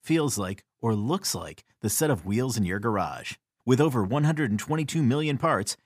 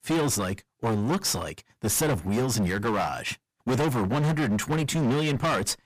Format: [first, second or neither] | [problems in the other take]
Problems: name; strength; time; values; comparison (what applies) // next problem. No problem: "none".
first | distortion; heavy; 24% of the sound clipped